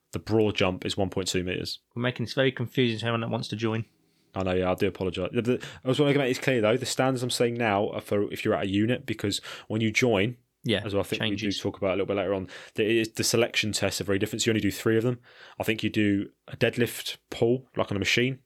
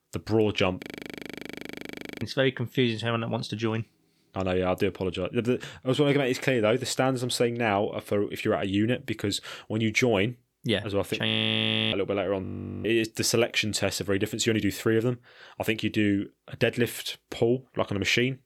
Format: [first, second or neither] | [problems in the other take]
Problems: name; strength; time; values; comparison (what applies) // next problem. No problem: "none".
first | audio freezing; at 1 s for 1.5 s, at 11 s for 0.5 s and at 12 s